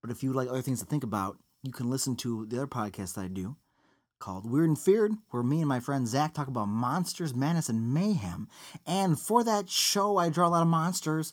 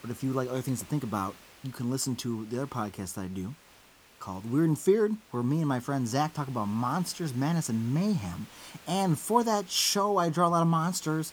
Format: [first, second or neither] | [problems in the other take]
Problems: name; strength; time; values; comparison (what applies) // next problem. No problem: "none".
first | hiss; faint; throughout; 25 dB below the speech